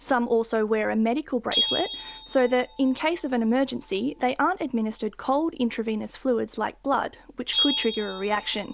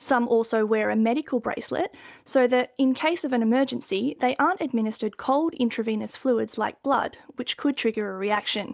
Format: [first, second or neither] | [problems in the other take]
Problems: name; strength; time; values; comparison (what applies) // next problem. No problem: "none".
second | background sound (Bell); 9 dB below the speech